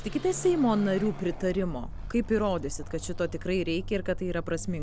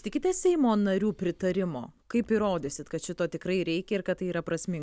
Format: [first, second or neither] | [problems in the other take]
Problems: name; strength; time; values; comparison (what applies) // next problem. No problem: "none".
second | background sound (Car passing by / Accelerating, revving, vroom); 8 dB below the speech